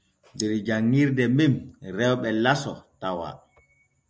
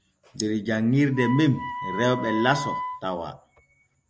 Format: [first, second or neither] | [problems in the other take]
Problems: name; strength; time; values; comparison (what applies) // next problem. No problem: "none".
first | background sound (Wind instrument, woodwind instrument); 9 dB below the speech